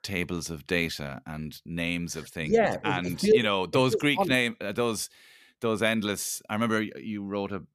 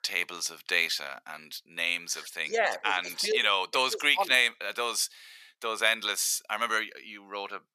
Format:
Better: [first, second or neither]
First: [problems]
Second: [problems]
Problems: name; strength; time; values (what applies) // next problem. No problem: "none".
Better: first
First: none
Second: thin; very; fading below 900 Hz